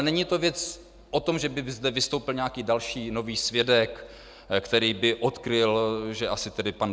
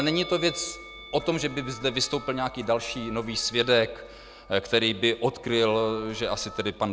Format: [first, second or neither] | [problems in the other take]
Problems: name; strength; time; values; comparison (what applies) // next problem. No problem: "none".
first | background sound (Musical instrument + Alarm); 17 dB below the speech